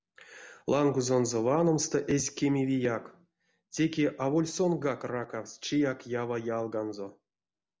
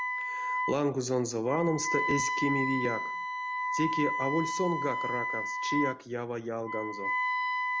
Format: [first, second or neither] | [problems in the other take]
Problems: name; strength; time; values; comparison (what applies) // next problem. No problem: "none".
first | background sound (Wind instrument, woodwind instrument); as loud as the speech